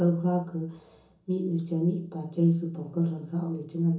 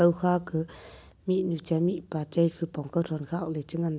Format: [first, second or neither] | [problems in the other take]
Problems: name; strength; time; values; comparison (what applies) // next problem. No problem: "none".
second | room echo; dies away in 0.7 s